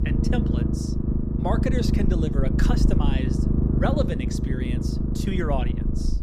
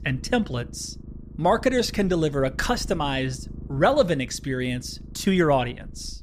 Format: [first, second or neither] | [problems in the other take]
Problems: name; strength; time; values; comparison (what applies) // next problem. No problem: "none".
second | low rumble; loud; throughout; 1 dB below the speech; faint in the second